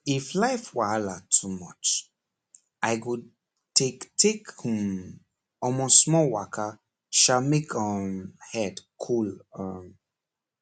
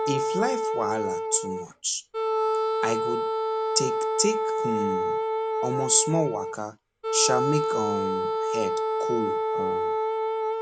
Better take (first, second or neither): first